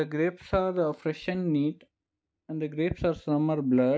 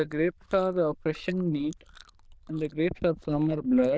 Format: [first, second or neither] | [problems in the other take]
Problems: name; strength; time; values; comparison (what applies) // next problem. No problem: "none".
first | noise reduction (neural diffusion model UNIVERSE++)